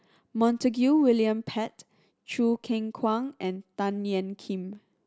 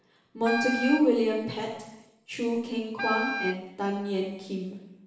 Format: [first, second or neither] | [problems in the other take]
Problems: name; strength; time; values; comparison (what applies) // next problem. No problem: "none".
first | background sound (Wind instrument, woodwind instrument); 5 dB below the speech // room echo; dies away in 0.9 s